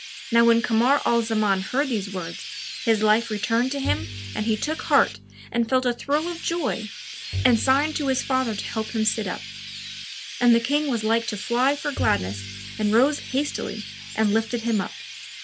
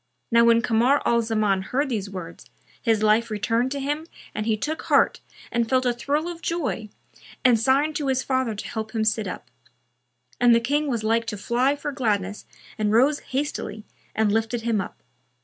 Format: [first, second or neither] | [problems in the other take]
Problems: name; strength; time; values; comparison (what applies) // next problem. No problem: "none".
second | background sound (Chirp, tweet + Bowed string instrument); 11 dB below the speech